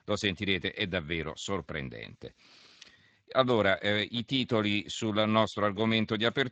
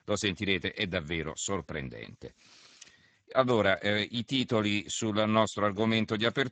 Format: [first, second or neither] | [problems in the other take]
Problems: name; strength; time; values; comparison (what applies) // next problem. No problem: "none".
first | garbled, watery; badly; nothing above 7.5 kHz; slightly in the first